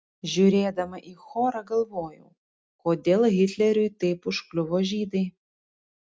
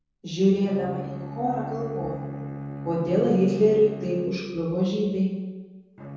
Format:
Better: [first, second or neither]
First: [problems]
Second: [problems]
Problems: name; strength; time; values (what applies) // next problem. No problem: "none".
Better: first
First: none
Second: background sound (Bowed string instrument); 12 dB below the speech // room echo; dies away in 1.2 s